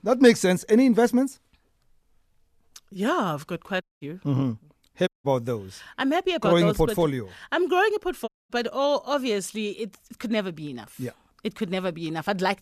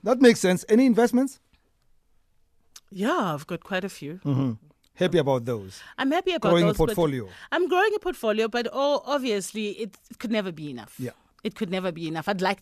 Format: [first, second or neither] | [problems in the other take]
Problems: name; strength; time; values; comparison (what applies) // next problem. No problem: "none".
second | audio cutting out; at 4 s, at 5 s and at 8.5 s